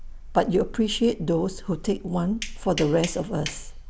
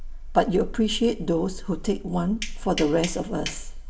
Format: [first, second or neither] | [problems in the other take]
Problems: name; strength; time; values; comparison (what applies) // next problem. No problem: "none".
first | room echo; dies away in 0.5 s